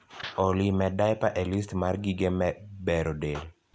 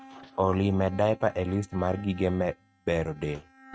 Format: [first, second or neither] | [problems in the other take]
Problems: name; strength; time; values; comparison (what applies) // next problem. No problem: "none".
first | noise reduction (neural mask model RNNoise)